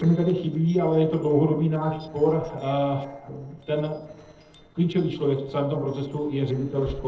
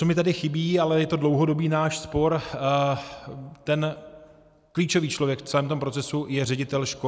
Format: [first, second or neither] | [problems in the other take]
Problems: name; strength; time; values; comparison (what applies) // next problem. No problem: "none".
second | noise reduction (neural separator model SepFormer DNS4)